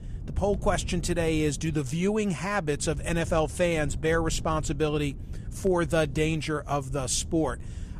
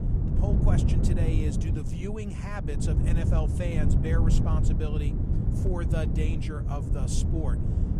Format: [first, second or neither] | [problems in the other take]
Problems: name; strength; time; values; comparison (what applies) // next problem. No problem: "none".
first | wind noise on the microphone; heavy; 1 dB below the speech; occasional gusts in the first